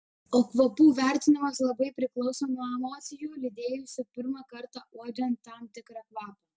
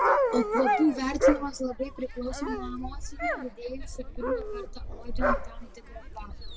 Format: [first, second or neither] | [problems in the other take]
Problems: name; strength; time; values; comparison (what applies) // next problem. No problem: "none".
first | background sound (Dog); 3 dB above the speech